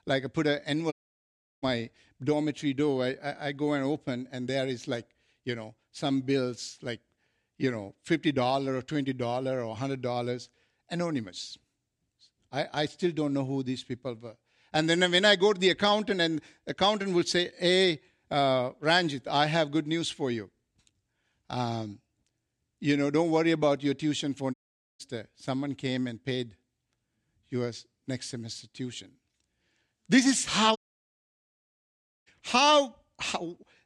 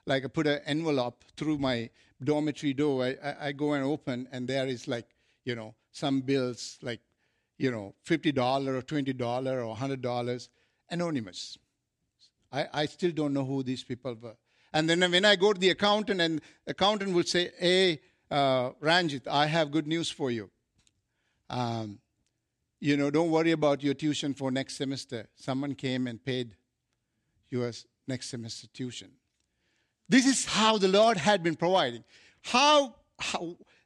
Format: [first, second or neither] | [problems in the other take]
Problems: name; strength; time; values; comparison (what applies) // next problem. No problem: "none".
second | audio cutting out; at 1 s for 0.5 s, at 25 s and at 31 s for 1.5 s